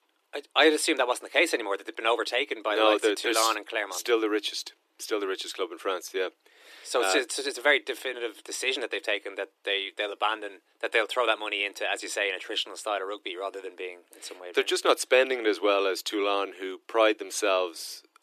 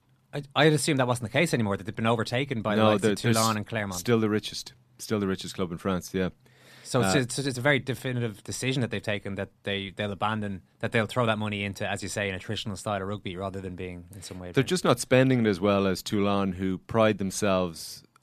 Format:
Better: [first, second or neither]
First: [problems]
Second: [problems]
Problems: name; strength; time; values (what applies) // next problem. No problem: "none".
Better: second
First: thin; very; fading below 300 Hz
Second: none